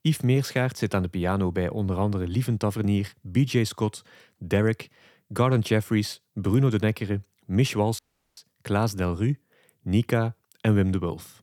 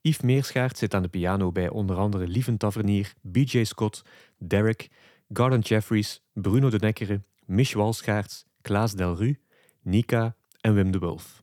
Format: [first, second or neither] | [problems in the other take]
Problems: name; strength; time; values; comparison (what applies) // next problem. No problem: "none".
second | audio cutting out; at 8 s